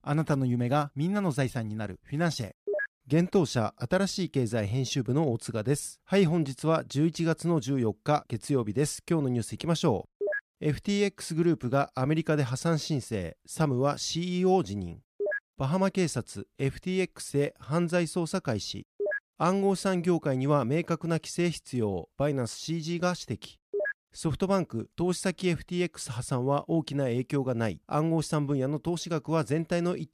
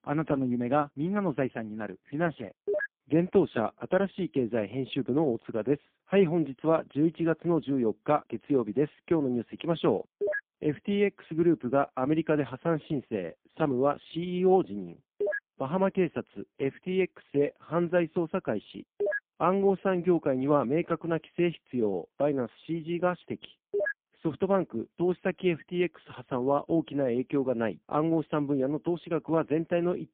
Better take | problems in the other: first | phone-call audio; poor line

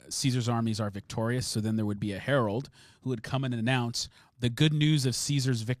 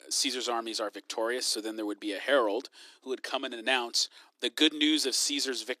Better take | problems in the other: first | thin; very; fading below 300 Hz

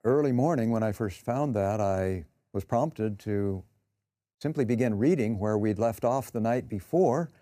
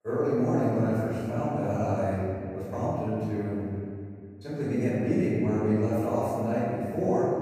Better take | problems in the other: first | off-mic speech; far // room echo; strong; dies away in 2.3 s

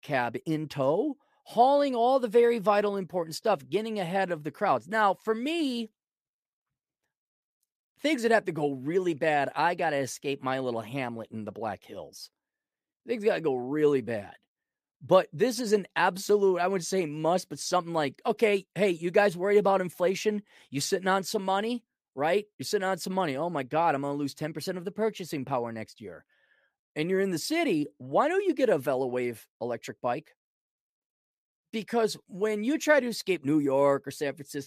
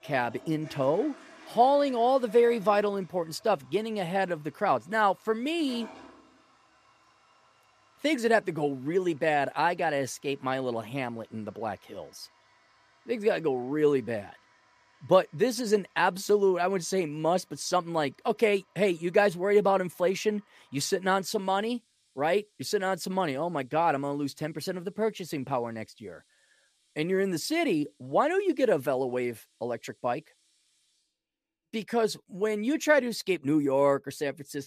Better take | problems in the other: first | household noises; faint; throughout; 30 dB below the speech

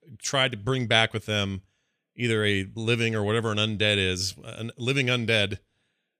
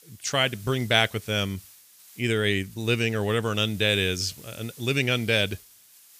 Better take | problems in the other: first | hiss; faint; throughout; 20 dB below the speech

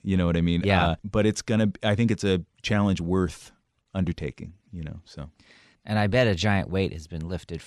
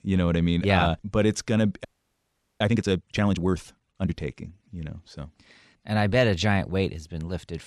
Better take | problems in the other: first | audio freezing; at 2 s for 1 s

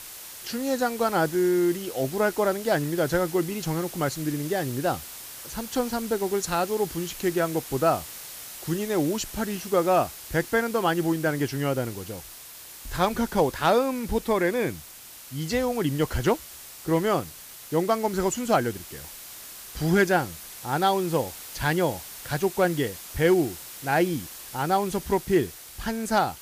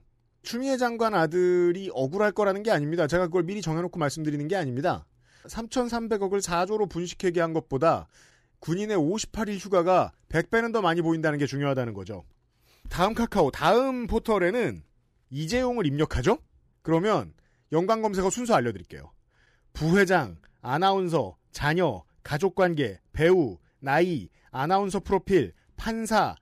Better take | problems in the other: second | hiss; noticeable; throughout; 15 dB below the speech

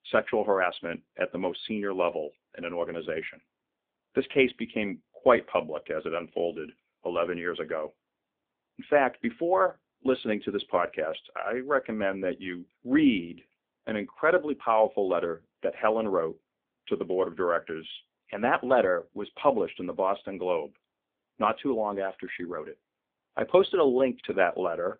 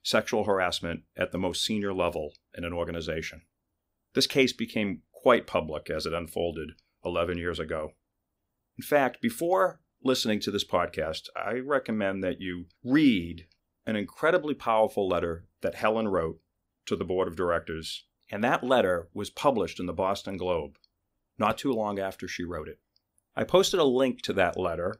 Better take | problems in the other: second | phone-call audio; nothing above 3.5 kHz

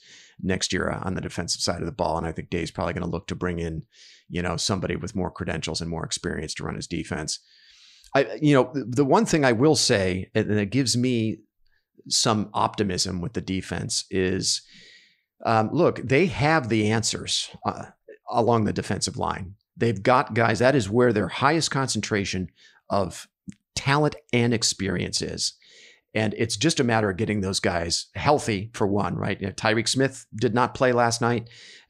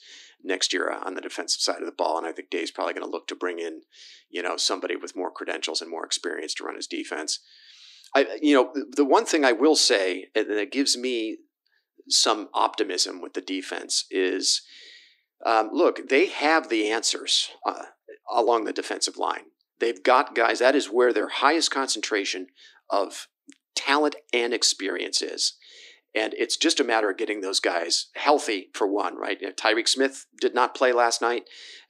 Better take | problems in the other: first | thin; somewhat; fading below 300 Hz

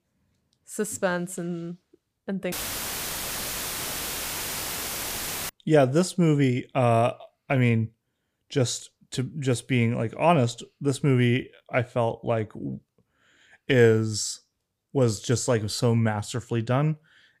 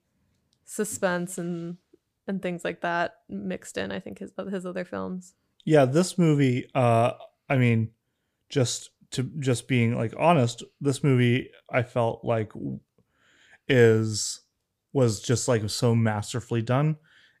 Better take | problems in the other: second | audio cutting out; filled with static; at 2.5 s for 3 s

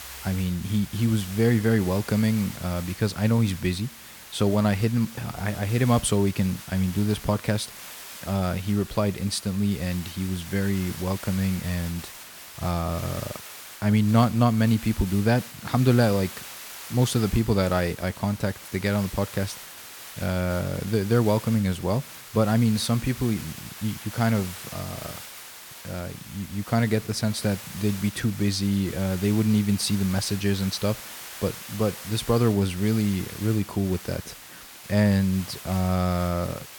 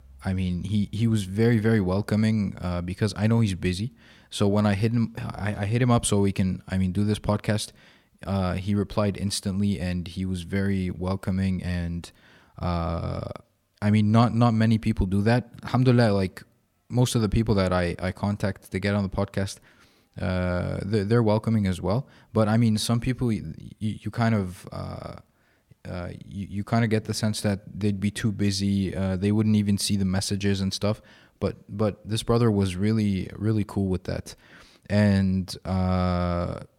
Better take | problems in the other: second | hiss; noticeable; throughout; 15 dB below the speech

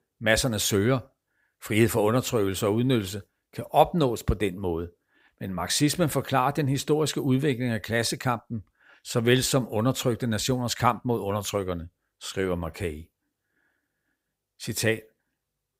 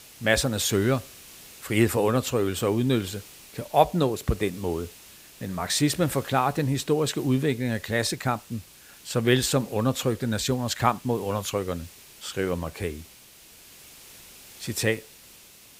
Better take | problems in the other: first | hiss; faint; throughout; 20 dB below the speech

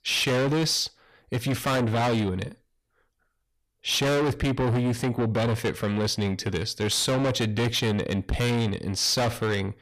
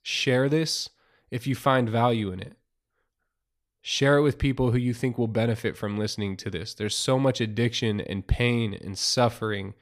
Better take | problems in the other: second | distortion; heavy; 6 dB below the speech

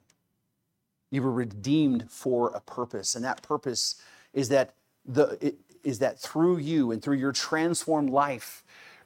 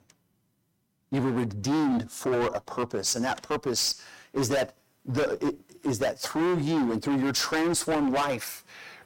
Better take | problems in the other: first | distortion; heavy; 19% of the sound clipped

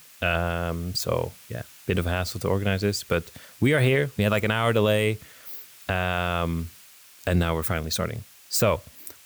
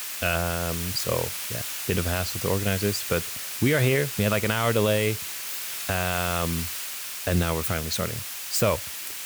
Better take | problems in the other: first | hiss; loud; throughout; 3 dB below the speech; faint in the first

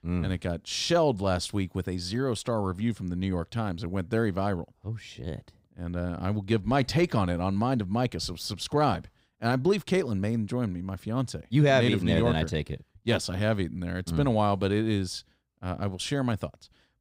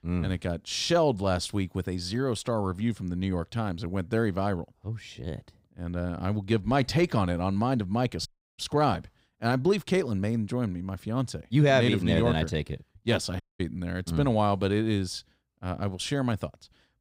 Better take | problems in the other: first | audio cutting out; at 8.5 s and at 13 s

